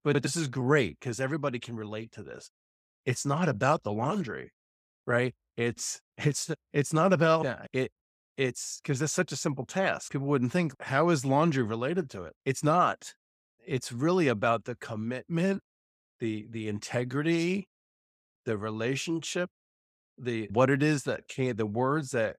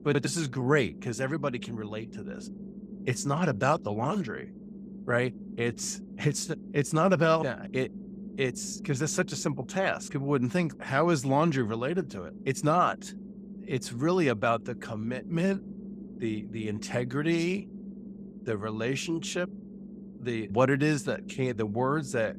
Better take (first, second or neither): first